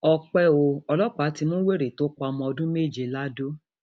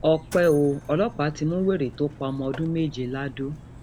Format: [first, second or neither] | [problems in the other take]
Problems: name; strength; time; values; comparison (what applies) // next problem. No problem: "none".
first | background sound (Mechanisms); 17 dB below the speech